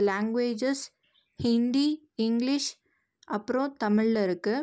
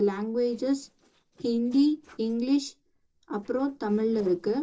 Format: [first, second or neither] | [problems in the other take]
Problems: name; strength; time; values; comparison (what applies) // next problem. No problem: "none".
first | noise reduction (neural separator model SepFormer DNS4)